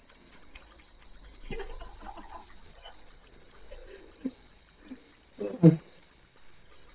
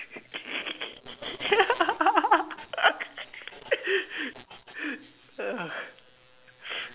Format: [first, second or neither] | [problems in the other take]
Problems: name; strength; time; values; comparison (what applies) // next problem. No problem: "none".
second | noise reduction (neural mask model DeepFilterNet 3)